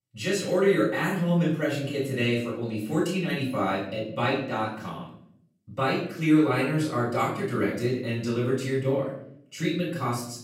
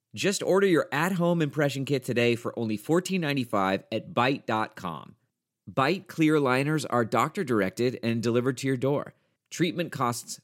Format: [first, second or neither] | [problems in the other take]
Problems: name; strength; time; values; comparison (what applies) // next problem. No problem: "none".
second | off-mic speech; far // room echo; noticeable; dies away in 0.6 s